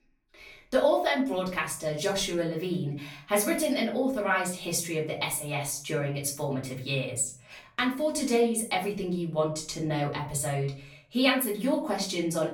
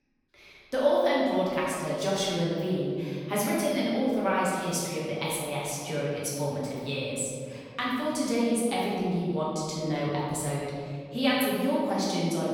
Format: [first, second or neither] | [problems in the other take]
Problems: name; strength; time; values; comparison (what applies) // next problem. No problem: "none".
first | room echo; strong; dies away in 2.3 s; slight in the first // off-mic speech; far; far in the first